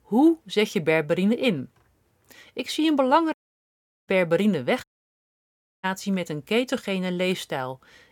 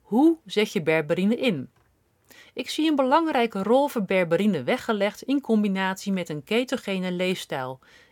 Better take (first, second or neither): second